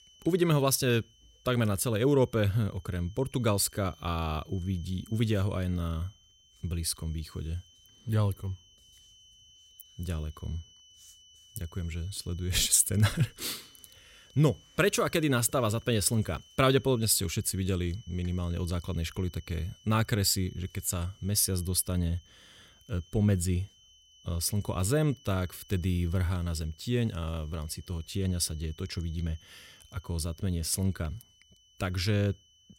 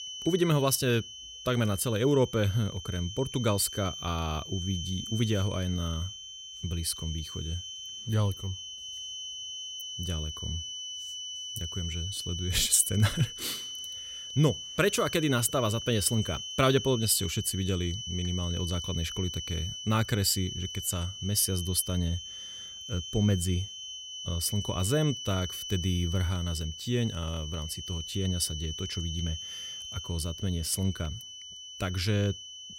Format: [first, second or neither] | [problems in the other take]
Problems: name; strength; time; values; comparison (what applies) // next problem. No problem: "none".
first | high-pitched whine; loud; throughout; 3 kHz, 8 dB below the speech; faint in the first